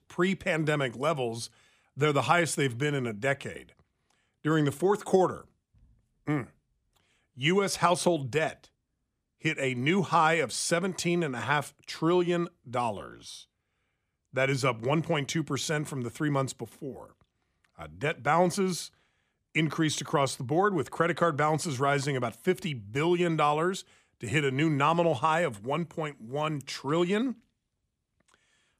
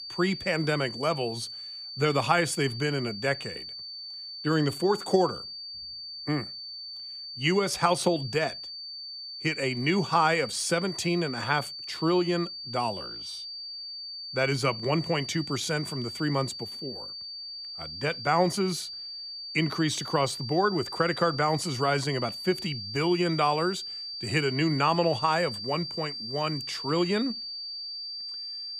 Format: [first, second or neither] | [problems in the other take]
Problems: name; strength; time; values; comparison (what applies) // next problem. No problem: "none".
first | high-pitched whine; loud; throughout; 4.5 kHz, 8 dB below the speech